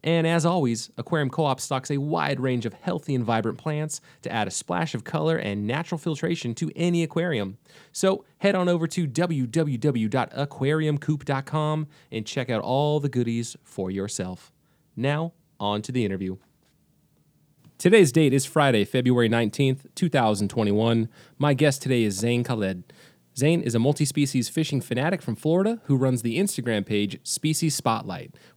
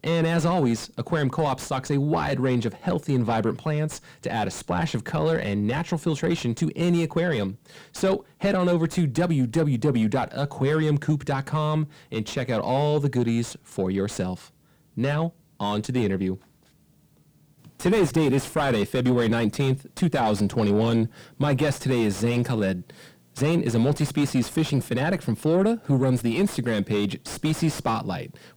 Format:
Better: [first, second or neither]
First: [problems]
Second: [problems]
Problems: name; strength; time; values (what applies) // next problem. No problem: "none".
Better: first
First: none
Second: distortion; heavy; 8 dB below the speech